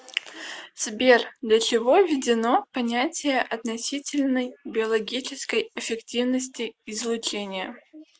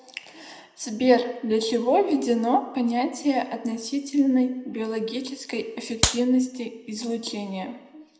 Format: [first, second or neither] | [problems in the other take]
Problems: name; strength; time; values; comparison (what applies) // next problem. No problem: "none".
first | background sound (Clapping); 2 dB below the speech // room echo; dies away in 0.7 s